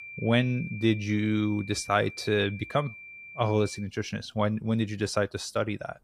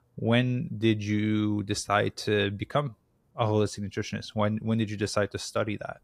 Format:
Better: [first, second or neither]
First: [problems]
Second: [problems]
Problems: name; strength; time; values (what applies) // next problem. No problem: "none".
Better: second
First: high-pitched whine; noticeable; until 4 s; 2.5 kHz, 15 dB below the speech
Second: none